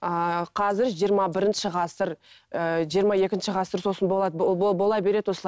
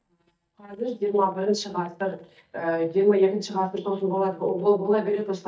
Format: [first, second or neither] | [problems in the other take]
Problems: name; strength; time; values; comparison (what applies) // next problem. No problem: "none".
first | noise reduction (neural mask model DeepFilterNet 3)